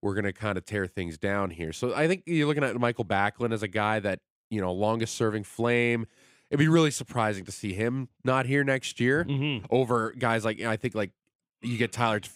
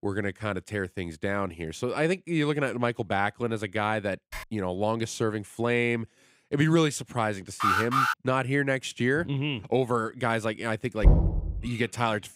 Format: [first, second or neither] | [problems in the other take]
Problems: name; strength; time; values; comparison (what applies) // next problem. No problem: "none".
first | keyboard typing; faint; at 4.5 s; peak 15 dB below the speech // alarm; loud; at 7.5 s; peak 5 dB above the speech // door banging; loud; at 11 s; peak 6 dB above the speech